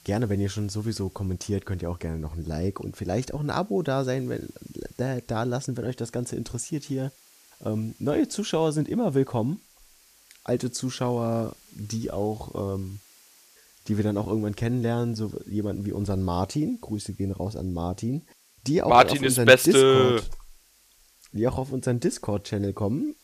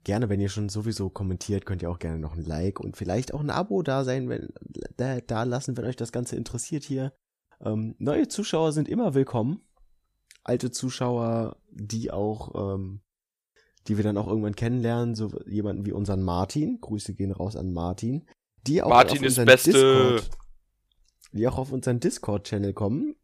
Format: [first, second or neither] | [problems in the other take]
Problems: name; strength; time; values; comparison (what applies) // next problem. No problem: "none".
second | hiss; faint; throughout; 30 dB below the speech